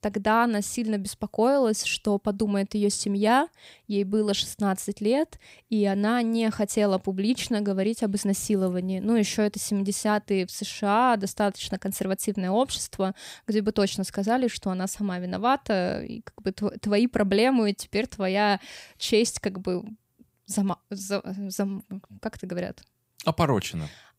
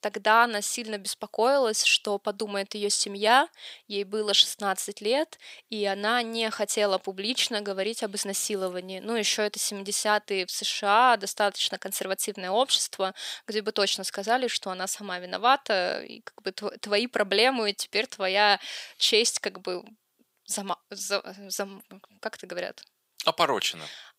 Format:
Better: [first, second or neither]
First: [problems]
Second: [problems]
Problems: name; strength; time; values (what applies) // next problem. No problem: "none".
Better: first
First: none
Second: thin; somewhat; fading below 500 Hz